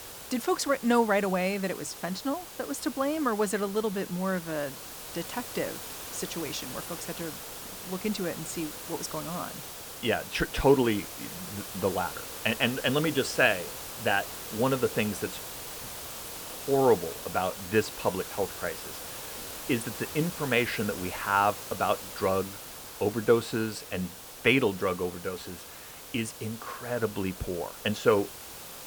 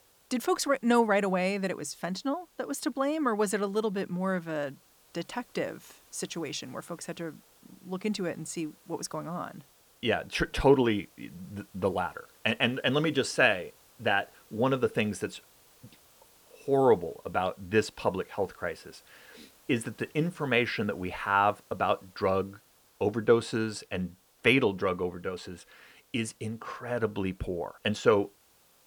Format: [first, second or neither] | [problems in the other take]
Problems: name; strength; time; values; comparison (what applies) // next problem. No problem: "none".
second | hiss; loud; throughout; 10 dB below the speech; faint in the second